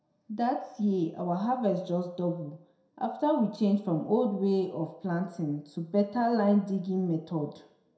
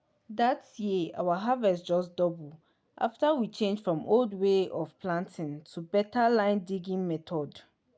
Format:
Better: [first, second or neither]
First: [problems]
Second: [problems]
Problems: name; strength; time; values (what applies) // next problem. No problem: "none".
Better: second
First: room echo; dies away in 0.5 s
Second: none